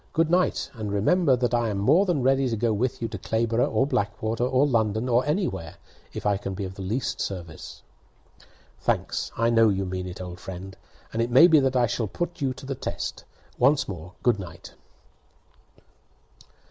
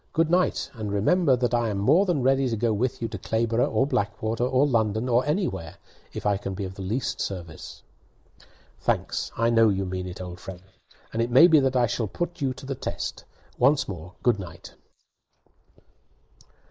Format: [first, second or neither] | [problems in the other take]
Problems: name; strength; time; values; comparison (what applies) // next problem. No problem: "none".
first | noise reduction (neural mask model Resemble Enhance denoiser)